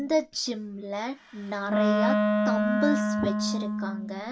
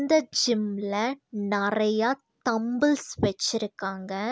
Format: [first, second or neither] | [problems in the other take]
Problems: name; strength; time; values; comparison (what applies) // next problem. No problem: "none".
second | background sound (Wind instrument, woodwind instrument); 3 dB above the speech // room echo; dies away in 0.2 s